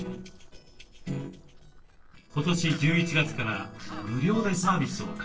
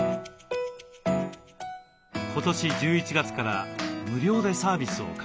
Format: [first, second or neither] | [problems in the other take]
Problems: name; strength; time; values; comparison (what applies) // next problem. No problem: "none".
second | noise reduction (neural separator model SepFormer DNS4)